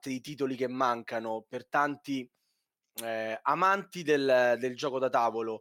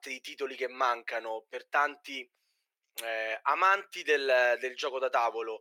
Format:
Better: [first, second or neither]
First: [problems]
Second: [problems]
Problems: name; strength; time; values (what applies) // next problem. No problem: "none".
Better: first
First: none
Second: thin; very; fading below 400 Hz